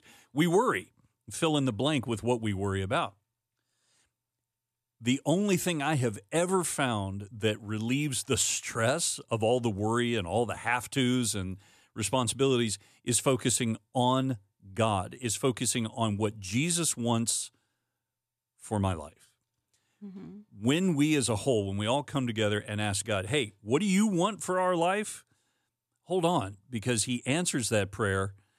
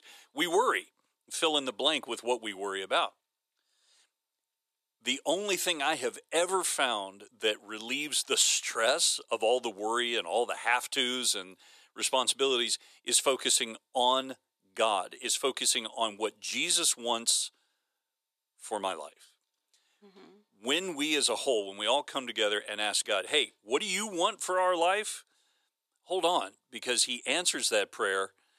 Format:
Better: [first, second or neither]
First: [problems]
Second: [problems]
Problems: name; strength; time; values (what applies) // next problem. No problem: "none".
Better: first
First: none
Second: thin; very; fading below 400 Hz